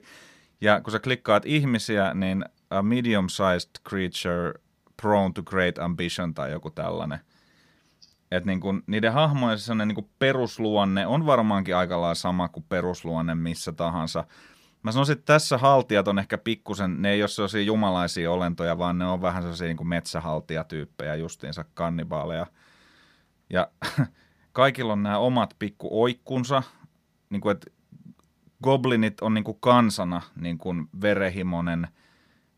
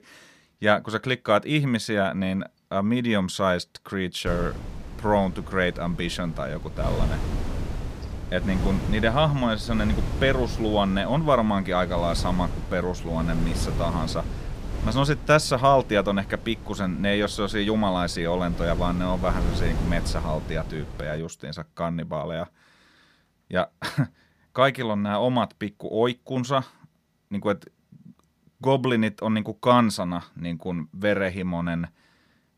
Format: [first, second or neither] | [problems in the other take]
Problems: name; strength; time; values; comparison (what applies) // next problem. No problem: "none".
first | wind noise on the microphone; occasional gusts; from 4.5 to 21 s; 15 dB below the speech